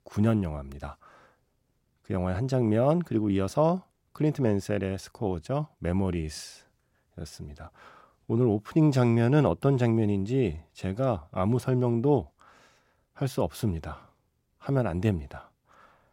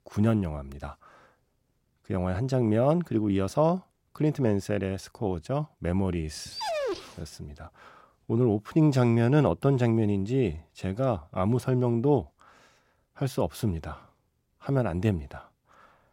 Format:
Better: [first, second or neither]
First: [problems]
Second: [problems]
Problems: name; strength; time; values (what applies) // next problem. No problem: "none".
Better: first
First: none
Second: dog barking; noticeable; at 6.5 s; peak 3 dB below the speech